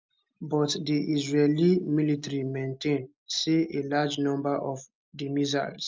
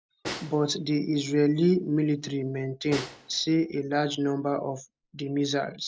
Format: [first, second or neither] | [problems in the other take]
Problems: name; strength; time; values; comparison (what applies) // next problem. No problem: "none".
first | background sound (Snare drum); 17 dB below the speech